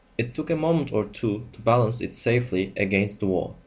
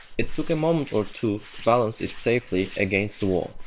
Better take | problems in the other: first | noise reduction (neural separator model SepFormer WHAM!)

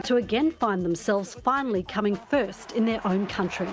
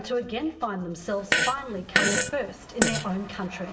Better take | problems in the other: first | background sound (Fart); 3 dB above the speech // room echo; dies away in 0.8 s

